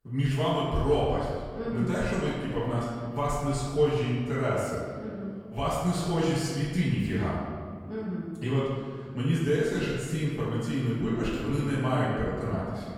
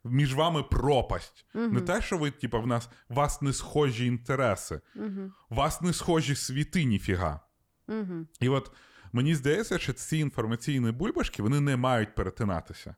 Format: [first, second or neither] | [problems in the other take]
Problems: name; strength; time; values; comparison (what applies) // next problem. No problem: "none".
second | off-mic speech; far // room echo; strong; dies away in 1.7 s